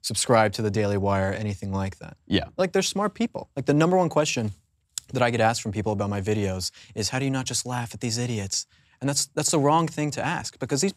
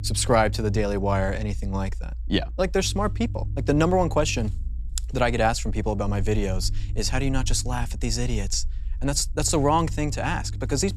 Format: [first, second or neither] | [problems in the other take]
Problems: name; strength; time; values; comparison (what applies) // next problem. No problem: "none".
first | low rumble; faint; throughout; 25 dB below the speech